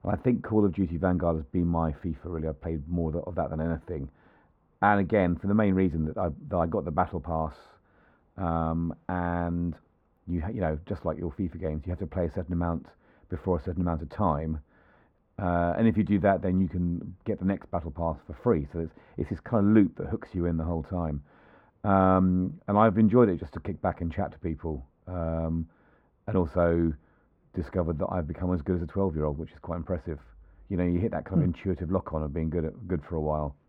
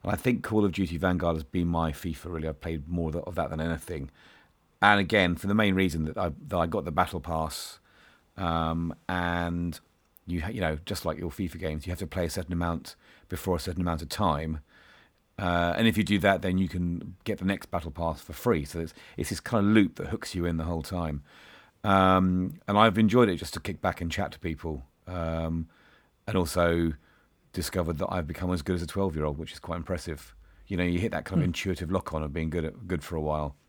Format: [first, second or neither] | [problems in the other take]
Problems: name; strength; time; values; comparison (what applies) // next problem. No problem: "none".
second | muffled; very; fading above 3 kHz